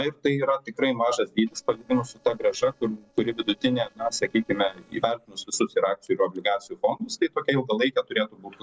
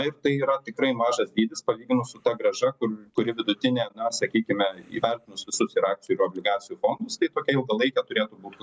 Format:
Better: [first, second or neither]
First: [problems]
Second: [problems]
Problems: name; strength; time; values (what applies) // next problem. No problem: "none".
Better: second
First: noise reduction (neural separator model SepFormer DNS4)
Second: none